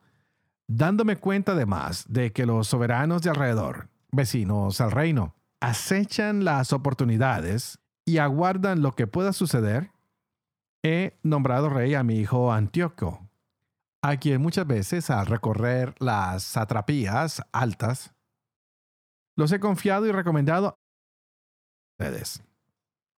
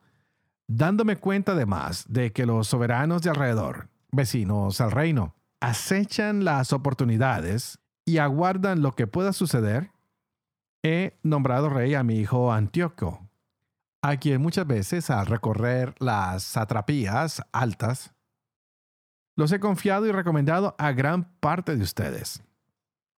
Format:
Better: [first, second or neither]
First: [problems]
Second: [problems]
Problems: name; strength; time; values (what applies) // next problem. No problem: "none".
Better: second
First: audio cutting out; at 21 s for 1 s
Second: none